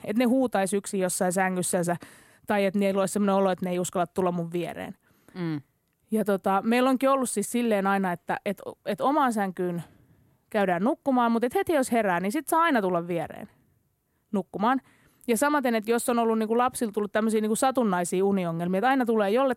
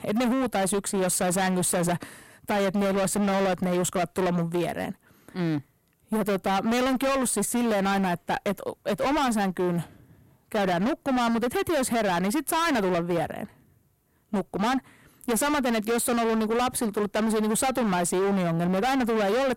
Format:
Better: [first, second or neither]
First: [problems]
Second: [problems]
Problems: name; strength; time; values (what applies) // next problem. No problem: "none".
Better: first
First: none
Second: distortion; heavy; 31% of the sound clipped